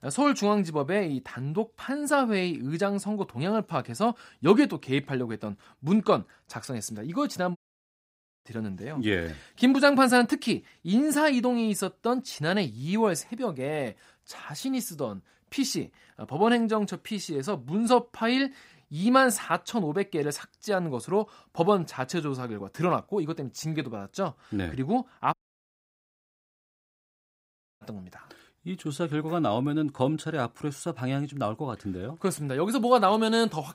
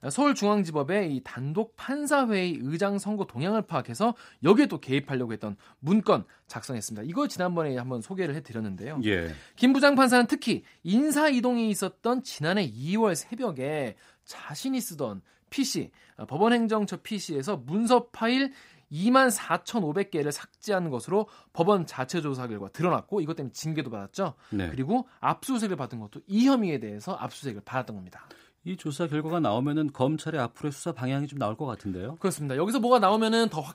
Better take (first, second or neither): second